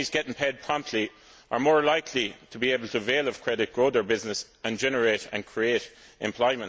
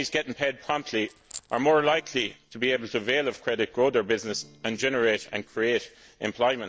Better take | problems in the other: first | noise reduction (neural separator model SepFormer DNS4)

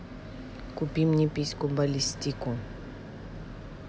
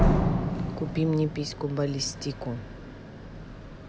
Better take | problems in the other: first | background sound (Slam); 2 dB above the speech

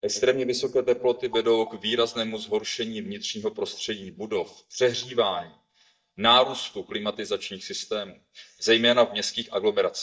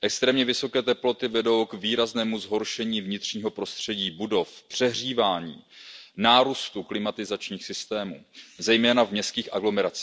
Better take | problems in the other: second | noise reduction (neural mask model DeepFilterNet 3)

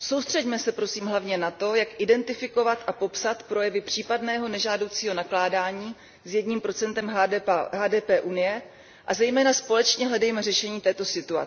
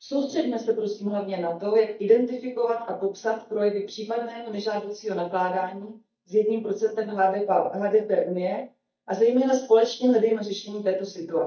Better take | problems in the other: first | noise reduction (neural mask model DeepFilterNet 3)

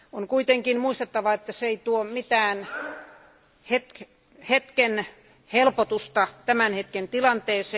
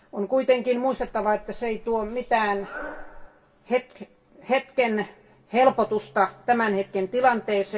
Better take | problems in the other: first | background sound (Water / Splash, splatter); 17 dB below the speech // room echo; dies away in 0.2 s

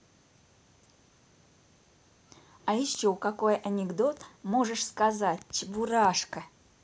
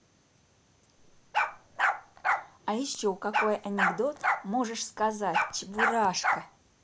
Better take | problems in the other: first | background sound (Bark); 2 dB above the speech

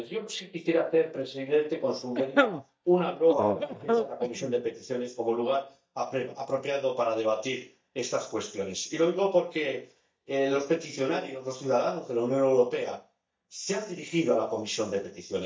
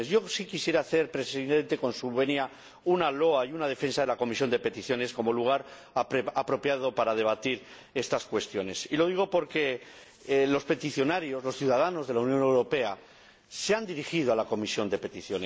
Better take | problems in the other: second | noise reduction (neural mask model DeepFilterNet 3)

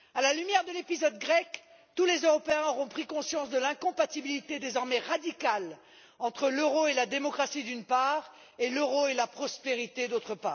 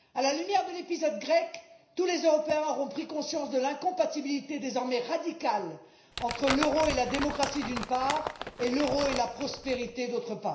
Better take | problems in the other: first | background sound (Crumpling, crinkling); 7 dB below the speech // room echo; dies away in 0.5 s

